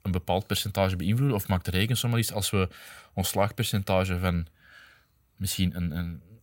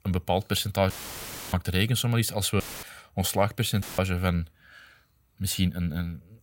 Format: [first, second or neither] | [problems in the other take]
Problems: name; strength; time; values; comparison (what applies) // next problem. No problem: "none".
first | audio cutting out; filled with static; at 1 s for 0.5 s, at 2.5 s and at 4 s